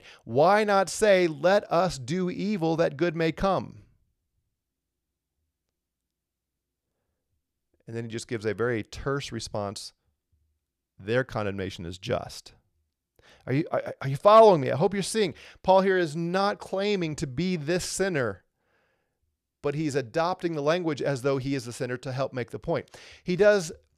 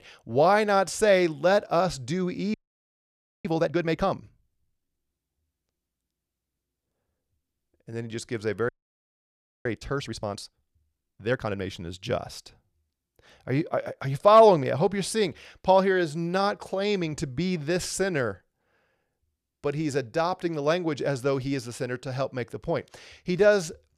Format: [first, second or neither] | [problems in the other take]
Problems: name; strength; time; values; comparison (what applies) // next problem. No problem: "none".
first | audio freezing; at 2.5 s for 1 s and at 8.5 s for 1 s